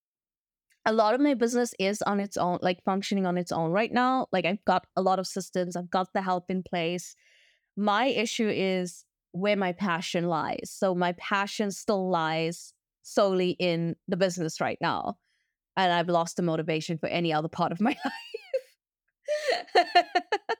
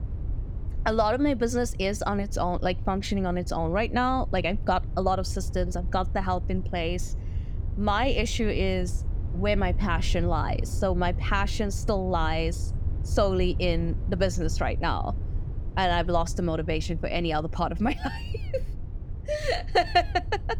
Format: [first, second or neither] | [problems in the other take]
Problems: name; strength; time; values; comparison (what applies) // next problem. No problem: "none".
first | low rumble; faint; throughout; 20 dB below the speech